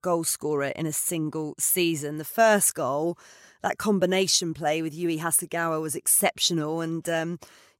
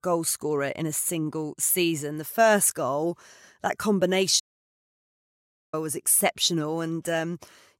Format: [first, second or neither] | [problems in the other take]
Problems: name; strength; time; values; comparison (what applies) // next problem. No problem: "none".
first | audio cutting out; at 4.5 s for 1.5 s